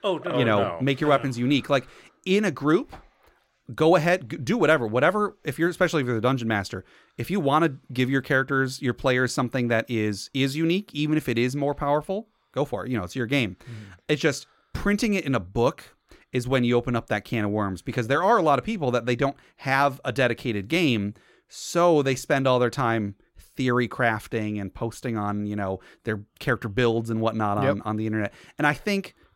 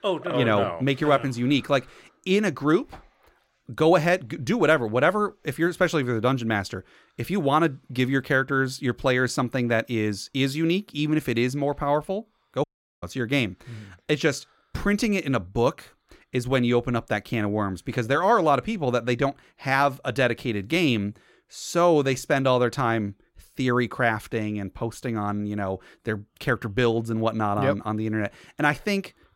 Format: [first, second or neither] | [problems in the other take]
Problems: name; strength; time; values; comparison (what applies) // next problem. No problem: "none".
first | audio cutting out; at 13 s